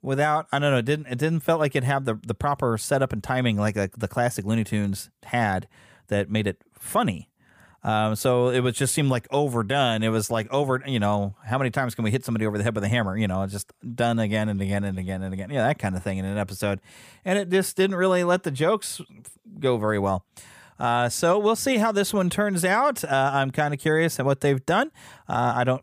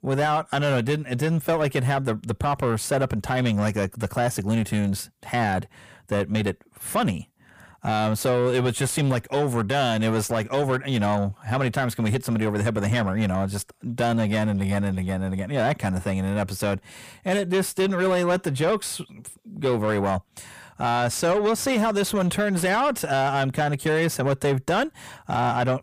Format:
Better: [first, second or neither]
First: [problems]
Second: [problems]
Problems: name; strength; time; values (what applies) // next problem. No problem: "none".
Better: first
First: none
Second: distortion; slight; 10 dB below the speech